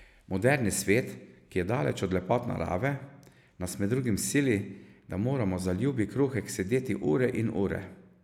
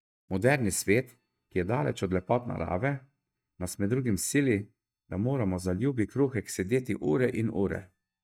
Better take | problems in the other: first | noise reduction (neural mask model DeepFilterNet 3)

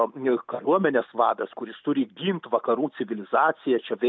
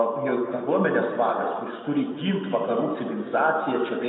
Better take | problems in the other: first | room echo; dies away in 2.2 s

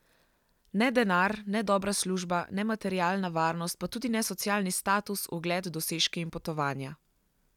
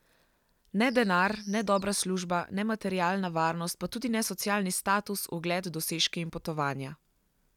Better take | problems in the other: first | background sound (Bird); 20 dB below the speech

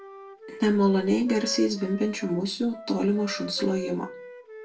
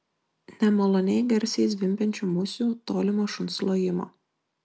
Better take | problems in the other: second | background sound (Wind instrument, woodwind instrument); 15 dB below the speech // room echo; dies away in 0.2 s

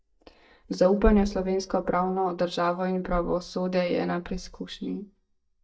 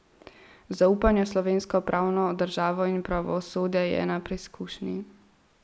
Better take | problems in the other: second | noise reduction (neural mask model DeepFilterNet 3)

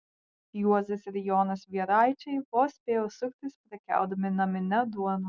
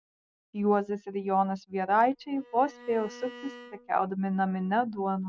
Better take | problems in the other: first | background sound (Bowed string instrument); 20 dB below the speech

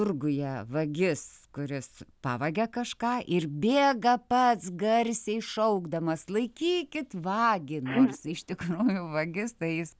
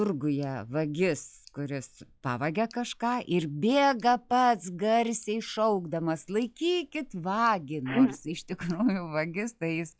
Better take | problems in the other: first | noise reduction (classical method log-MMSE)

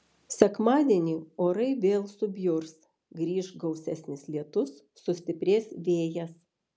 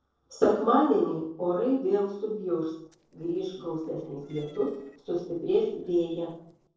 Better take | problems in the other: first | noise reduction (neural separator model SepFormer DNS4)

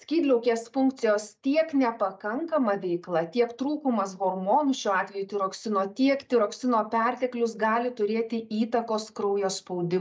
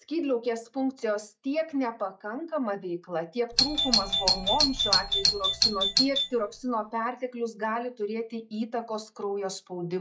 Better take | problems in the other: first | noise reduction (classical method log-MMSE)

